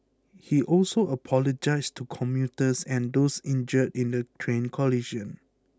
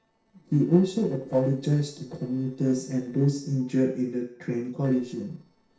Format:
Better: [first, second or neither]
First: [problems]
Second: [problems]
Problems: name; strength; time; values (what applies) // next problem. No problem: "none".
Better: first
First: none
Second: noise reduction (neural separator model SepFormer DNS4)